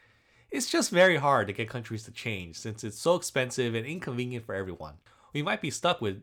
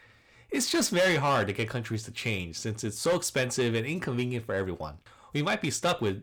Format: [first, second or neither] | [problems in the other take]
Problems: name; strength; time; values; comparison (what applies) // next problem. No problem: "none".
first | distortion; heavy; 7 dB below the speech